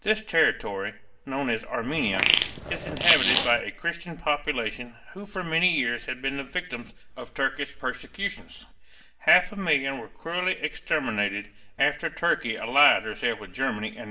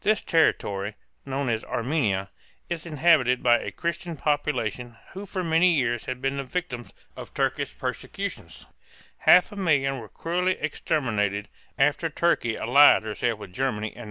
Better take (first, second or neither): second